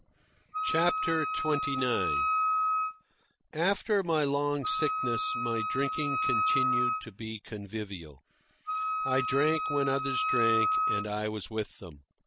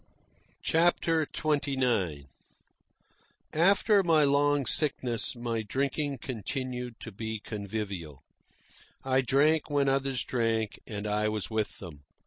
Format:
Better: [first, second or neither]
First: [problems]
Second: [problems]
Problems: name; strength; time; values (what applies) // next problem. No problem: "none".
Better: second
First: background sound (Wind instrument, woodwind instrument); 2 dB above the speech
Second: none